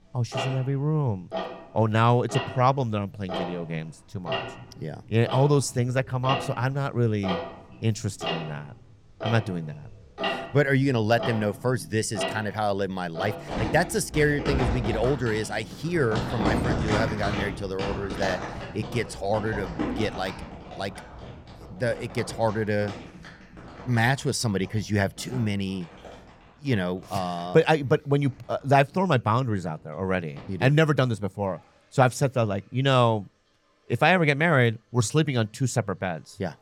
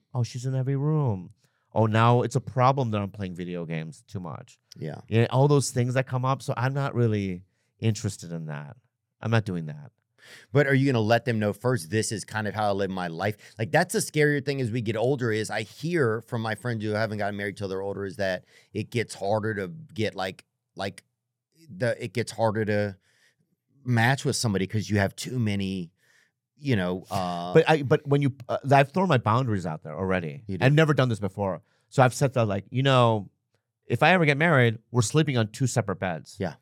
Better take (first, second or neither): second